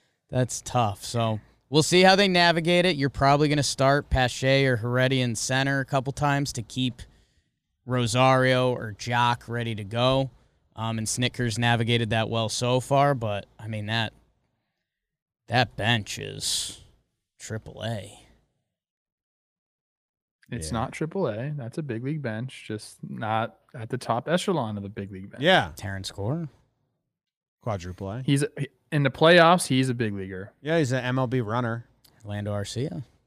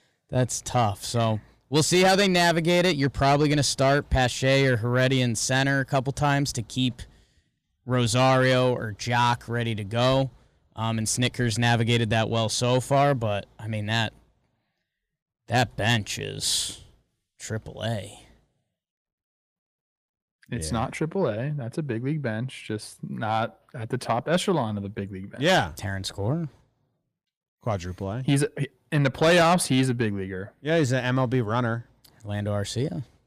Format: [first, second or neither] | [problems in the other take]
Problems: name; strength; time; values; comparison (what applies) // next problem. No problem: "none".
first | distortion; slight; 10 dB below the speech